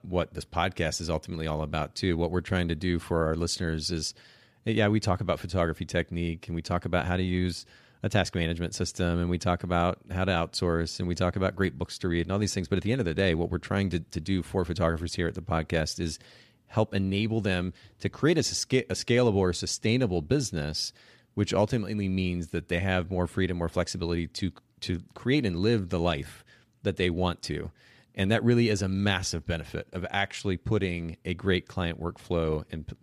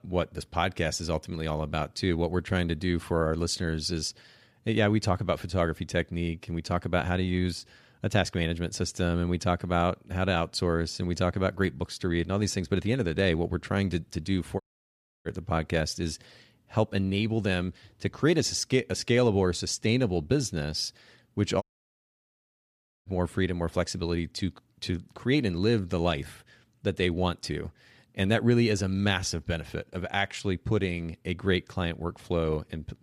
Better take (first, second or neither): first